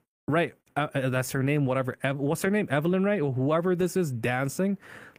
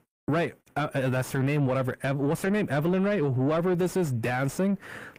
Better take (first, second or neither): first